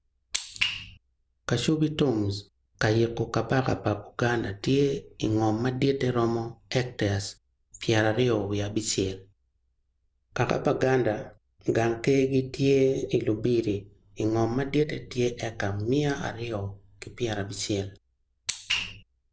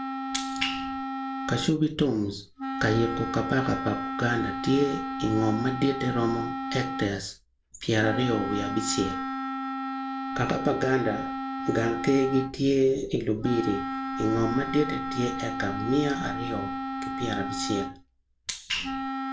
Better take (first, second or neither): first